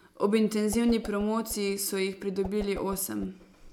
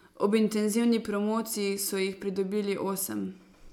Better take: second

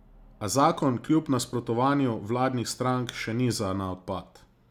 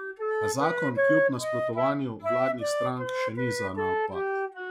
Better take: first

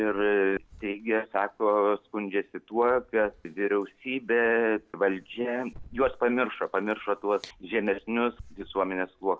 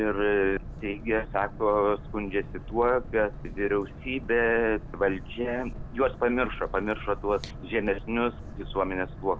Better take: first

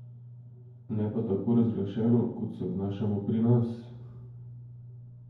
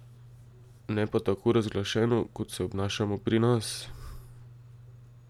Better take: second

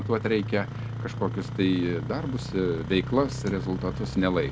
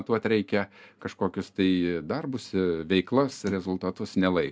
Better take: second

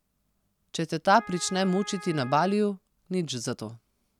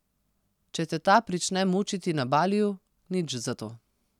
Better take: second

